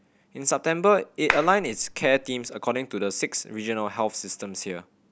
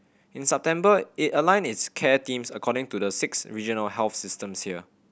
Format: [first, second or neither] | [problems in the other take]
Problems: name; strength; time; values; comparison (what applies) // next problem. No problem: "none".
second | background sound (Clapping); 6 dB below the speech